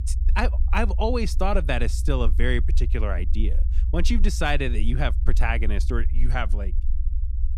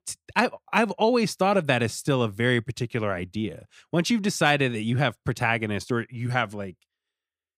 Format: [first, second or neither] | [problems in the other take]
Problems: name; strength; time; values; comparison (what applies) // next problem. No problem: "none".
second | low rumble; noticeable; throughout; 20 dB below the speech